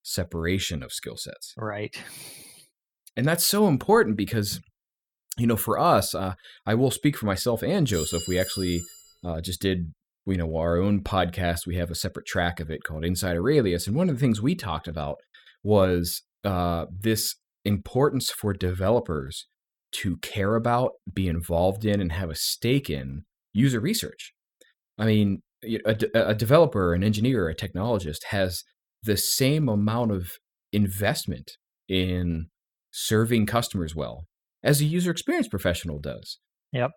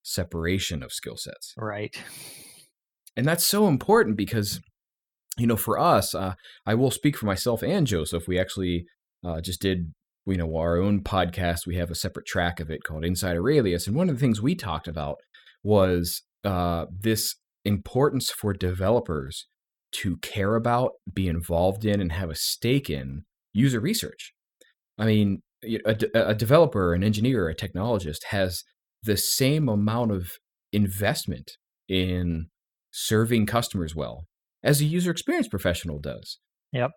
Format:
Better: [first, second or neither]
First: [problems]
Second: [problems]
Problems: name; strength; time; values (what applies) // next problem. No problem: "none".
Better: second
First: clattering dishes; noticeable; from 8 to 9 s; peak 6 dB below the speech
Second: none